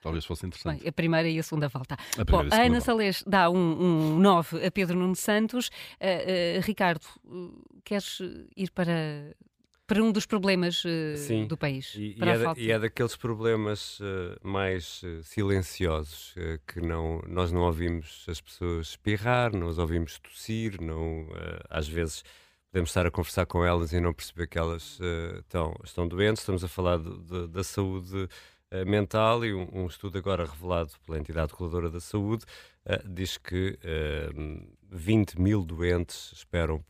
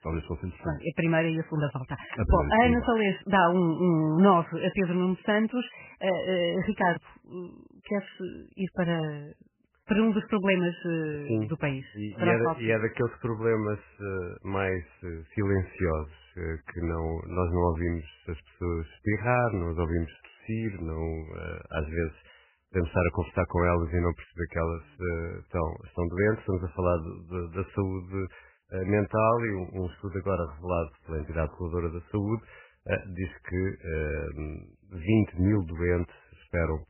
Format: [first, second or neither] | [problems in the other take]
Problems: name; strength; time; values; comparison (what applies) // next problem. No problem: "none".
first | garbled, watery; badly; nothing above 3 kHz